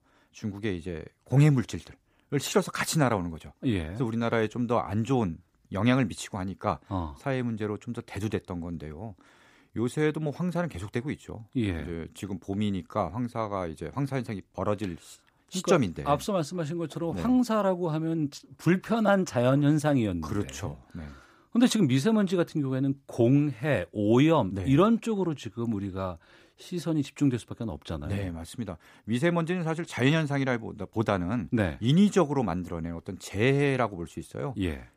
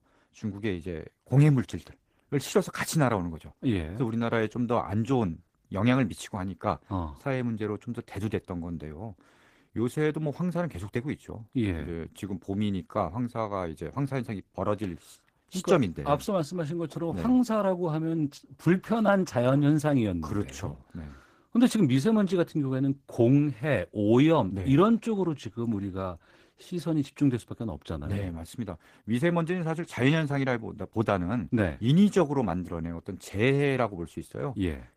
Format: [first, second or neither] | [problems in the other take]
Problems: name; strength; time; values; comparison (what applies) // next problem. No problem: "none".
first | garbled, watery; slightly; nothing above 15 kHz